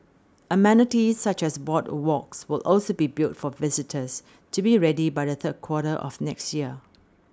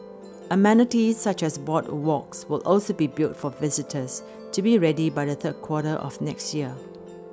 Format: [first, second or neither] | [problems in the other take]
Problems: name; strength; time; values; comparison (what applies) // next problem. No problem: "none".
first | background sound (Musical instrument); 17 dB below the speech